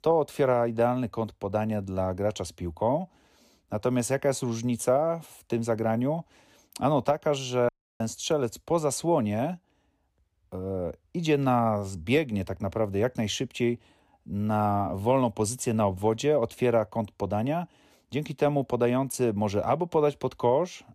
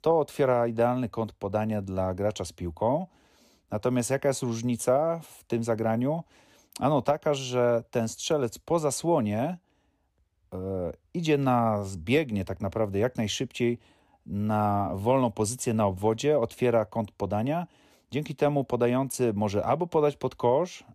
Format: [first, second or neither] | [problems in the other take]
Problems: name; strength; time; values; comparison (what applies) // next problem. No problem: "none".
second | audio cutting out; at 7.5 s